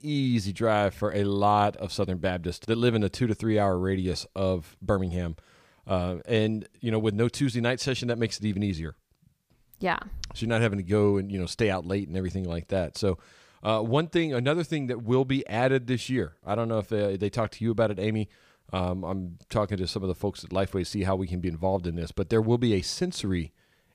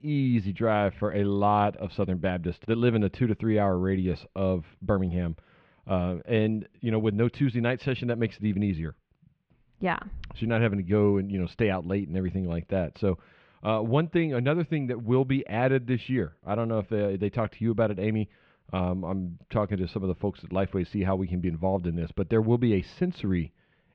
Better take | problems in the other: first | muffled; very; fading above 3 kHz

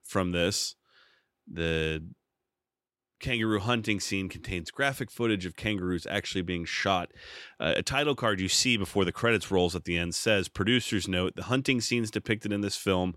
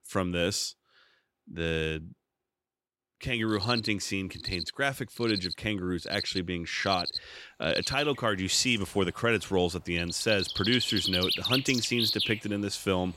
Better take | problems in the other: first | animal sounds; very faint; from 3.5 s on; 3 dB below the speech

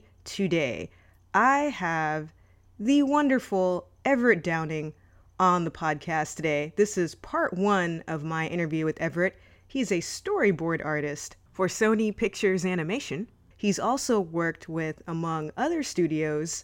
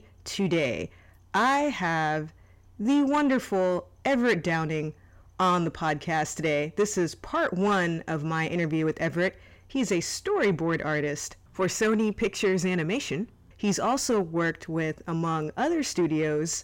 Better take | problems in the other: first | distortion; slight; 10 dB below the speech

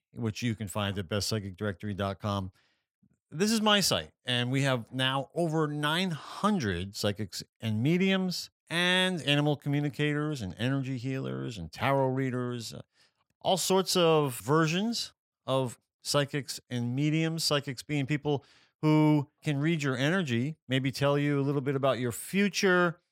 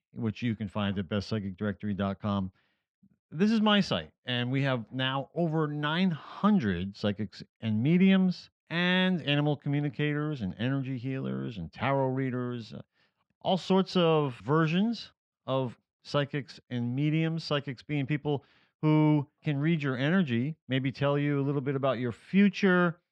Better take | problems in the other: first | muffled; slightly; fading above 3.5 kHz

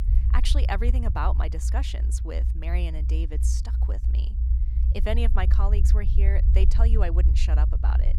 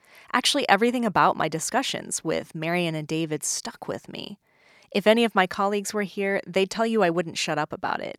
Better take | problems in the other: second | low rumble; loud; throughout; 9 dB below the speech

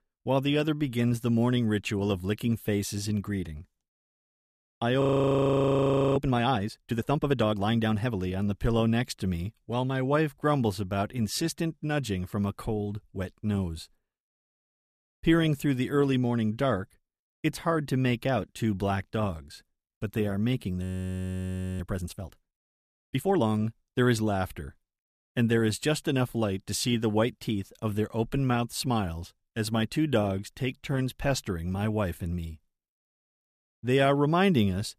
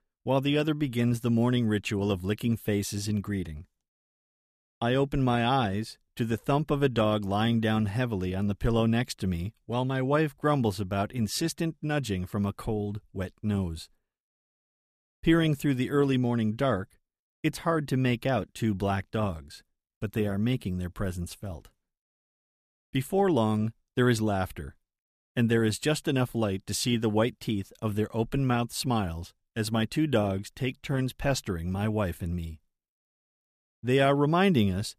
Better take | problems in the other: second | audio freezing; at 5 s for 1 s and at 21 s for 1 s

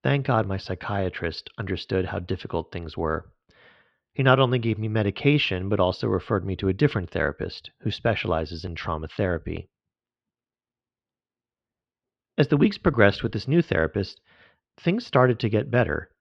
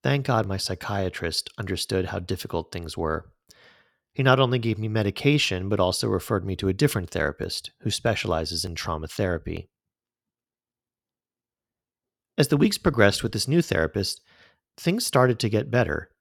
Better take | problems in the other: second | muffled; slightly; fading above 3.5 kHz

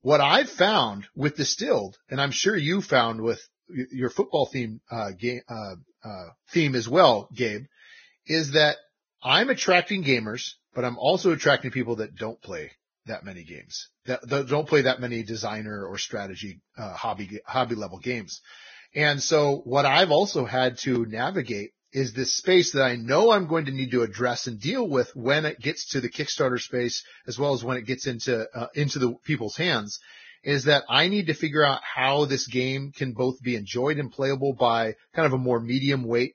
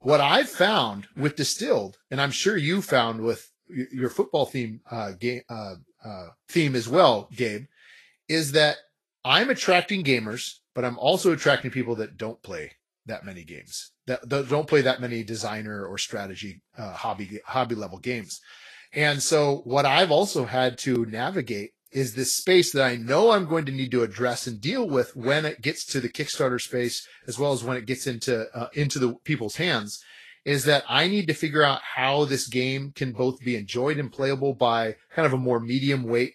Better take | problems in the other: second | garbled, watery; badly; nothing above 6.5 kHz; slightly in the second

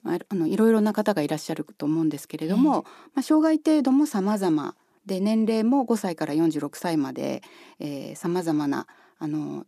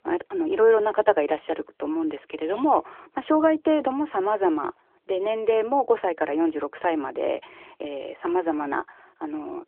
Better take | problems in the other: first | phone-call audio

